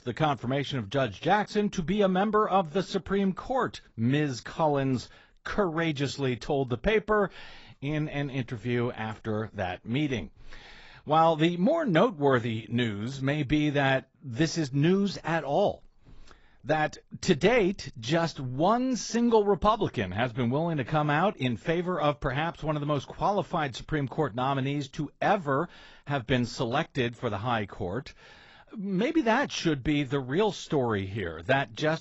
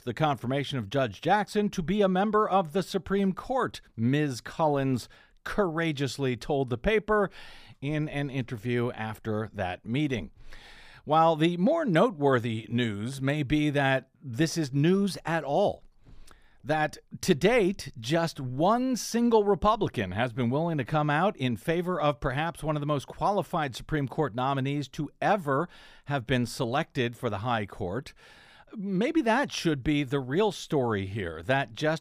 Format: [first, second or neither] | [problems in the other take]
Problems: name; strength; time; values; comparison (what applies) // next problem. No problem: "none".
second | garbled, watery; badly; nothing above 7.5 kHz